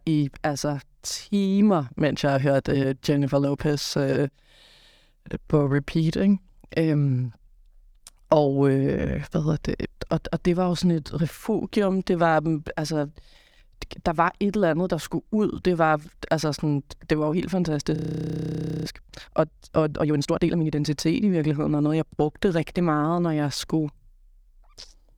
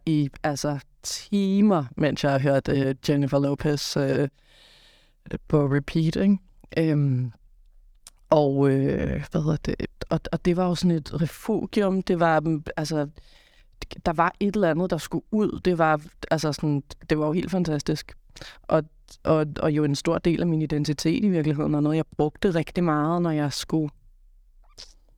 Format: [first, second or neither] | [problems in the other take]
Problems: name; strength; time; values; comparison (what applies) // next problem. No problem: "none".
second | audio freezing; at 18 s for 1 s